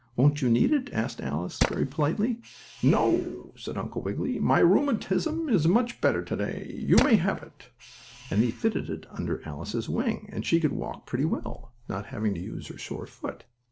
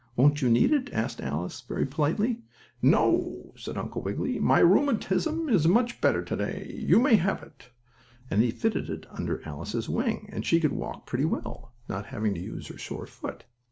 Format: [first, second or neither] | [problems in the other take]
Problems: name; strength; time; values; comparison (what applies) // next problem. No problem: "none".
second | background sound (Tools); 8 dB below the speech